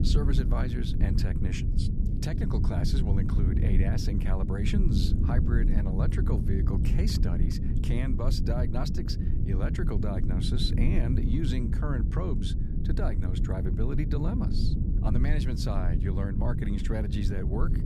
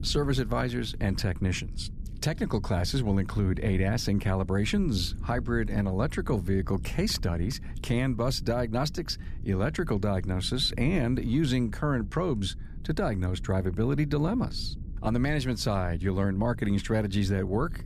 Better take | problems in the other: second | low rumble; loud; throughout; 3 dB below the speech; faint in the second

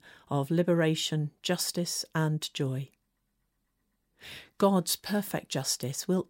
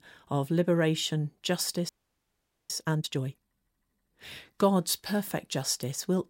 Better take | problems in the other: first | audio freezing; at 2 s for 1 s

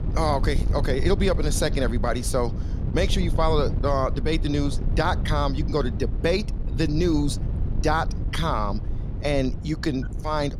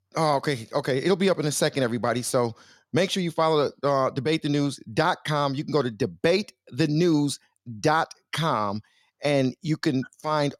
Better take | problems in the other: second | wind noise on the microphone; occasional gusts; 15 dB below the speech

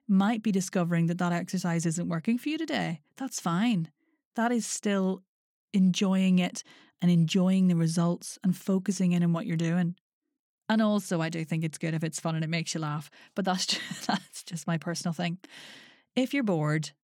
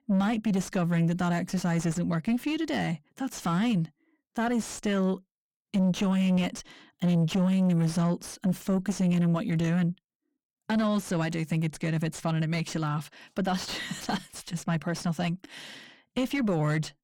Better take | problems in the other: first | distortion; slight; 10 dB below the speech

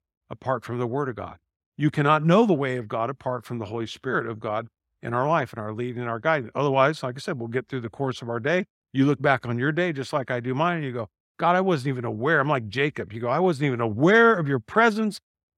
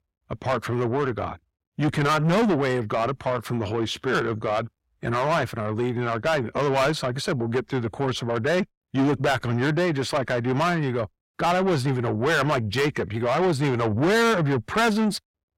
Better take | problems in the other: first | distortion; heavy; 5 dB below the speech

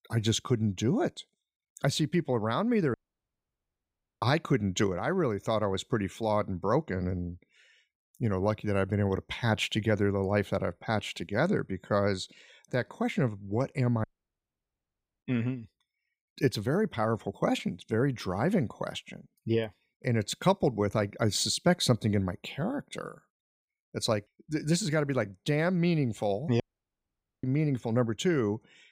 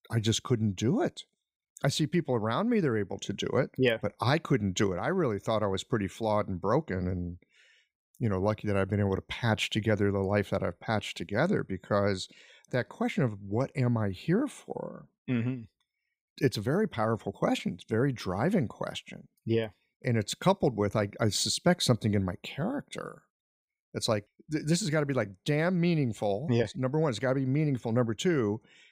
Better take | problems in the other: second | audio cutting out; at 3 s for 1.5 s, at 14 s for 1 s and at 27 s for 1 s

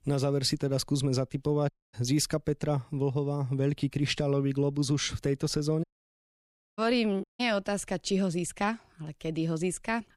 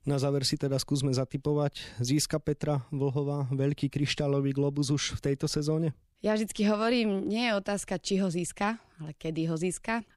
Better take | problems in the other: second | audio cutting out; at 1.5 s, at 6 s for 1 s and at 7 s

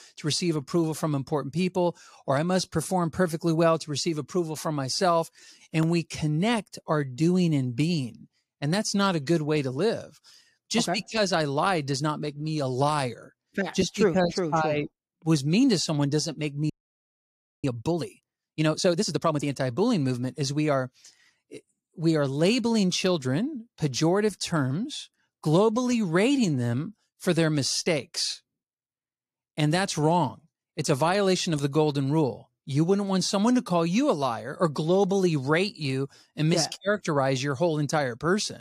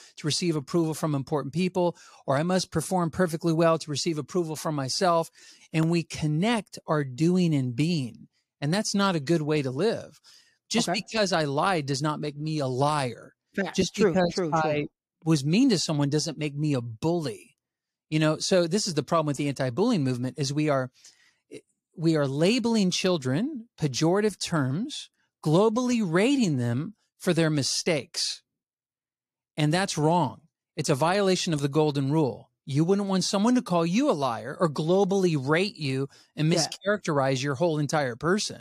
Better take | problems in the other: second | audio freezing; at 17 s for 1 s

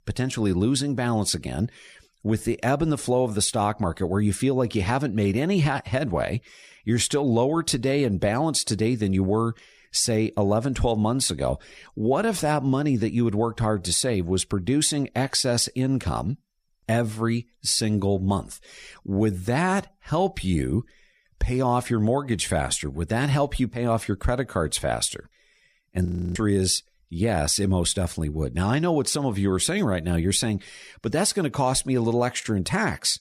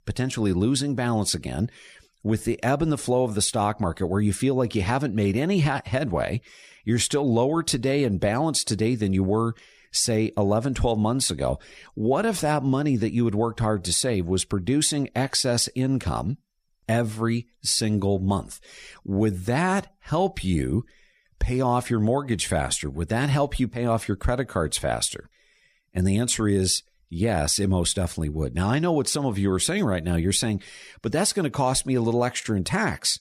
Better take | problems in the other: second | audio freezing; at 26 s

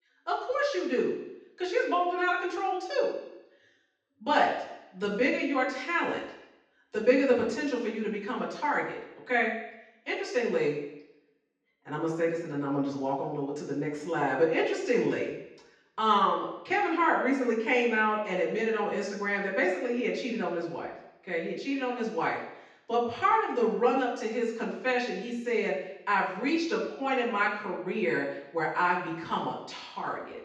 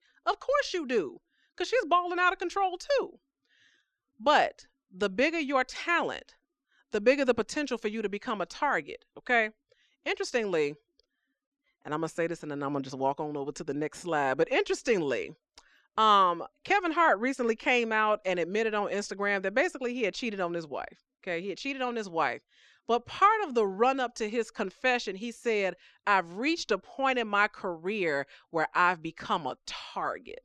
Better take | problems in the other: second | room echo; noticeable; dies away in 0.8 s // off-mic speech; far

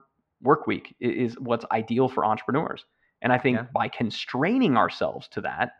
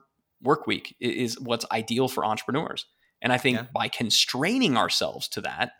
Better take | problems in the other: second | muffled; very; fading above 1.5 kHz

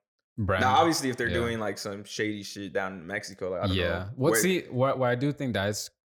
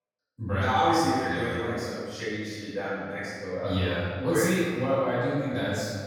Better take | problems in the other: first | room echo; strong; dies away in 1.6 s // off-mic speech; far

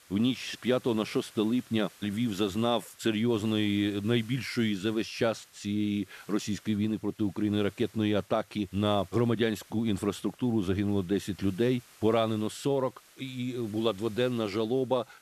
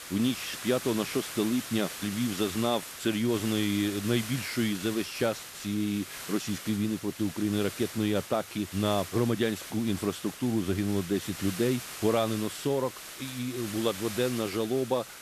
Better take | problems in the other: first | hiss; loud; throughout; 9 dB below the speech; faint in the first

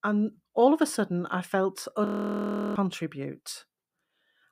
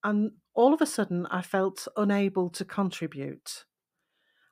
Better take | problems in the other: second | audio freezing; at 2 s for 0.5 s

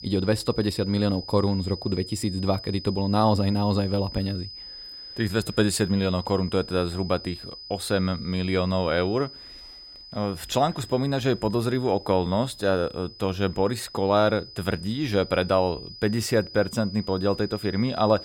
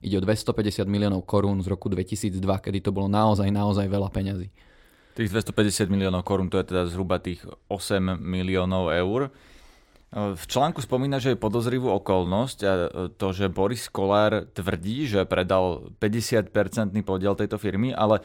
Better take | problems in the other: second | high-pitched whine; noticeable; throughout; 5 kHz, 15 dB below the speech

